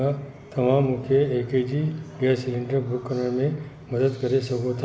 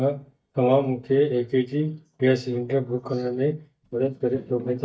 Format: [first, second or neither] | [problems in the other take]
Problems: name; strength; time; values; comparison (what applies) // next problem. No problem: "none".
first | noise reduction (neural mask model DeepFilterNet 3)